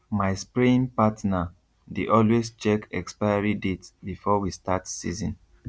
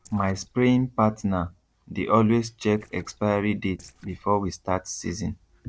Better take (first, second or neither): first